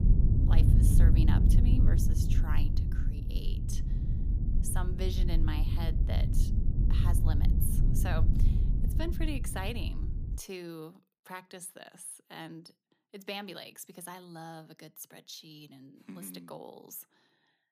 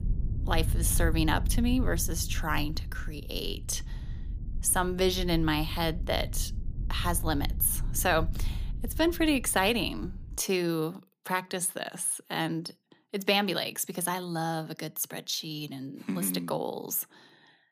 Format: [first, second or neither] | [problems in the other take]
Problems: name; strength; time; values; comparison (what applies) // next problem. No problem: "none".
second | low rumble; loud; until 10 s; 1 dB below the speech; faint in the second